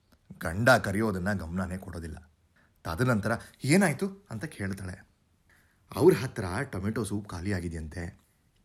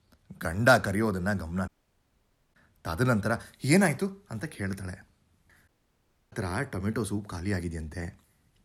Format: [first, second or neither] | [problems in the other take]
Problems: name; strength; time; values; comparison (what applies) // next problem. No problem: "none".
first | audio cutting out; at 1.5 s for 1 s and at 5.5 s for 0.5 s